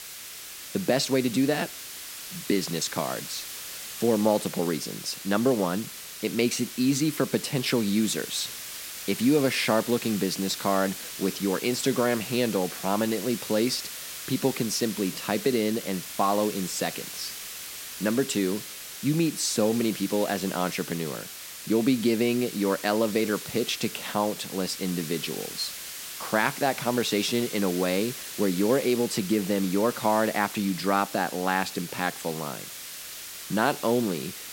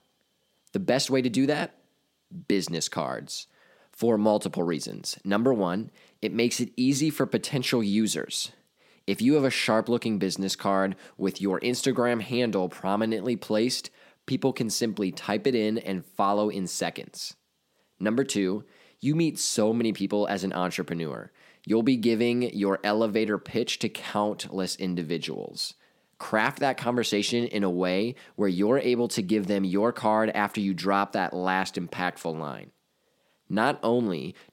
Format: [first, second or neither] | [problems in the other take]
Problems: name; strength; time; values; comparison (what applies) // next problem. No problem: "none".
second | hiss; loud; throughout; 9 dB below the speech